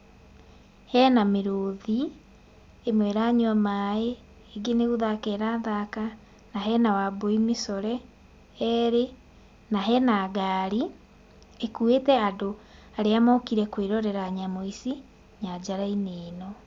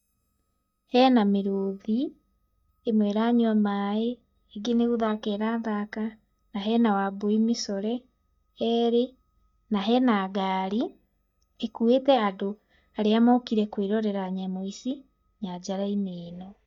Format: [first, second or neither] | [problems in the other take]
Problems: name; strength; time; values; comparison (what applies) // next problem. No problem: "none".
first | noise reduction (neural mask model DeepFilterNet 3)